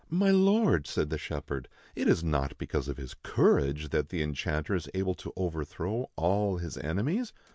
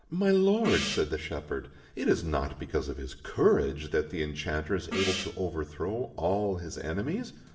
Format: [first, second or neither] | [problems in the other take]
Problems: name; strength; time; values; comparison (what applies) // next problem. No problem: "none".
first | background sound (Gong); 8 dB below the speech // room echo; dies away in 0.8 s